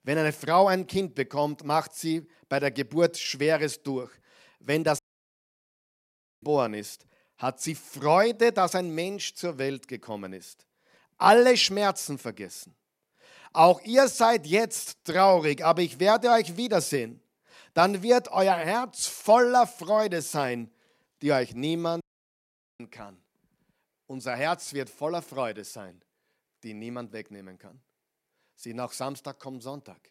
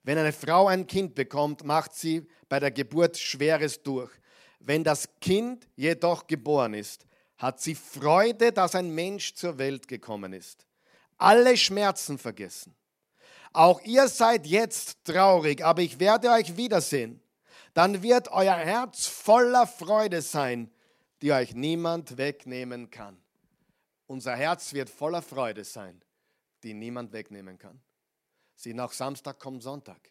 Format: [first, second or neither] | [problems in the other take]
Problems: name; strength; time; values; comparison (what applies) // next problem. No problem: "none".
second | audio cutting out; at 5 s for 1.5 s and at 22 s for 1 s